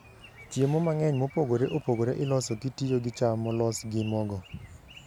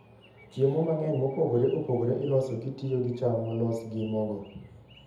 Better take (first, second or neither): first